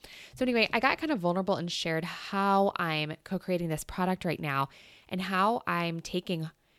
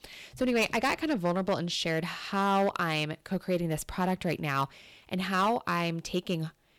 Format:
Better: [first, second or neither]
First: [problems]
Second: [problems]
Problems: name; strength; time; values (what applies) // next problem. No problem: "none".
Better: first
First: none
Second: distortion; slight; 4% of the sound clipped